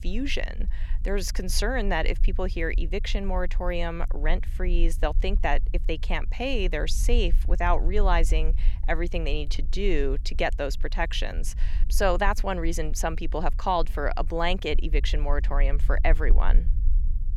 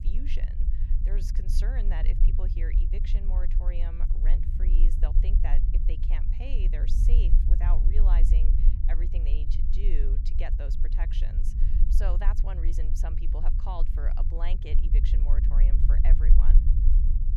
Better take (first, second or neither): first